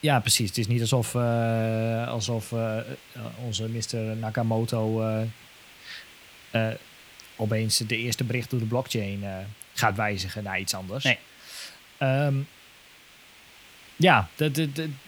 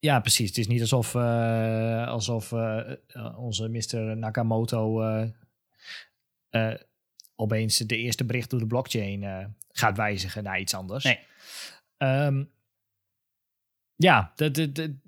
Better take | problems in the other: second | hiss; faint; throughout; 20 dB below the speech

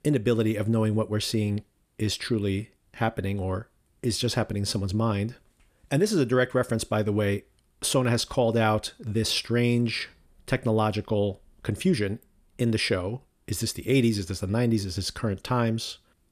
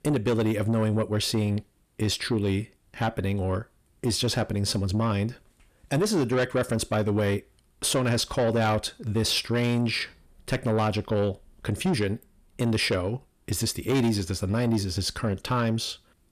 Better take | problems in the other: first | distortion; slight; 10 dB below the speech

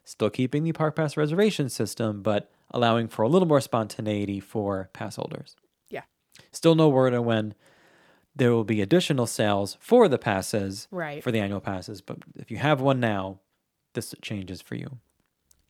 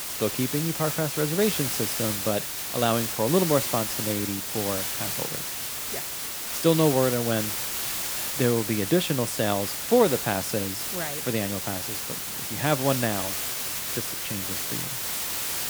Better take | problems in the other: first | hiss; loud; throughout; 1 dB below the speech

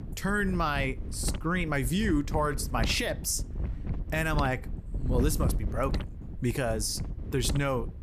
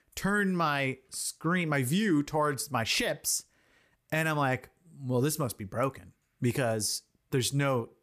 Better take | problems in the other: second | wind noise on the microphone; occasional gusts; 15 dB below the speech

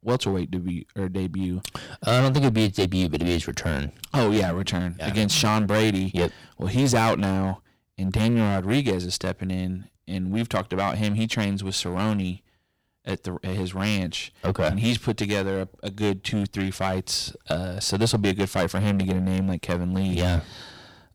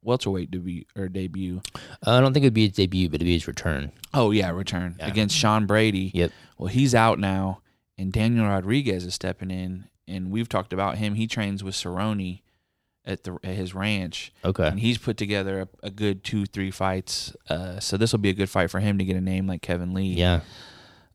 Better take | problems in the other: second | distortion; heavy; 8% of the sound clipped

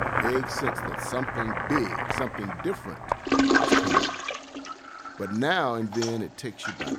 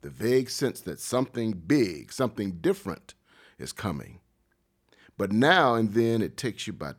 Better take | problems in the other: second | household noises; very loud; throughout; 4 dB above the speech

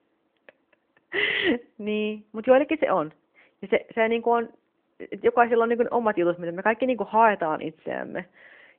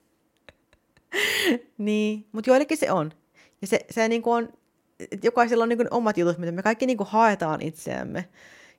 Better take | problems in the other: second | phone-call audio; nothing above 3.5 kHz

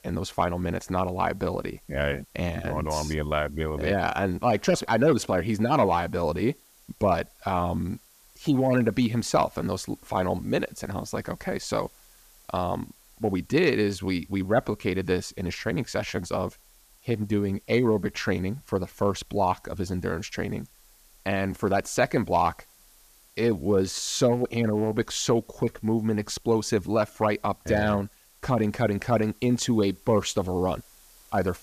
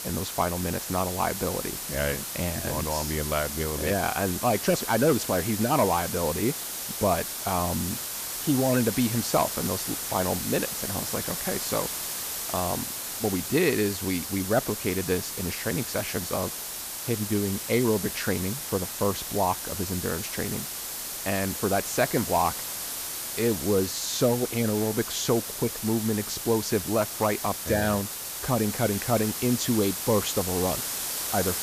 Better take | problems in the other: first | hiss; loud; throughout; 3 dB below the speech; faint in the first

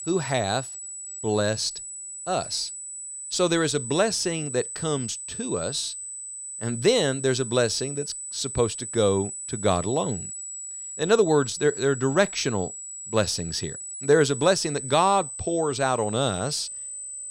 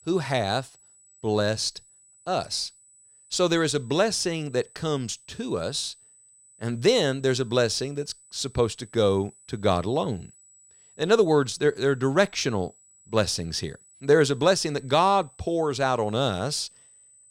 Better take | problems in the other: second | high-pitched whine; loud; throughout; 8 kHz, 8 dB below the speech; faint in the second

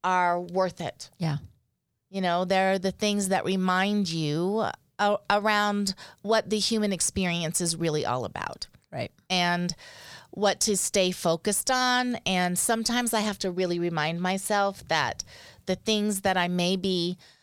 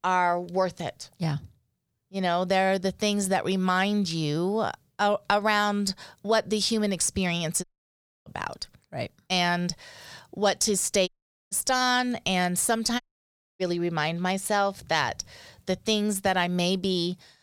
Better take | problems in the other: first | audio cutting out; at 7.5 s for 0.5 s, at 11 s and at 13 s for 0.5 s

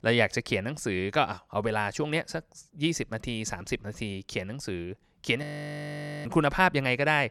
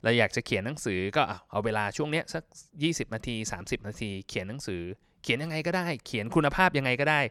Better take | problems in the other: second | audio freezing; at 5.5 s for 1 s

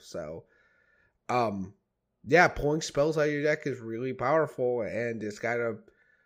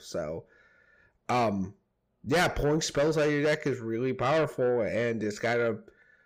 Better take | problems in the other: first | distortion; heavy; 7 dB below the speech

